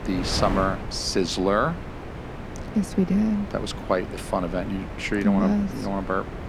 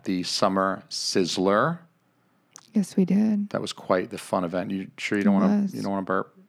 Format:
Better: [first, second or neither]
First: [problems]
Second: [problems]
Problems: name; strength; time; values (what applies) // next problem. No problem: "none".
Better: second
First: wind noise on the microphone; occasional gusts; 10 dB below the speech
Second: none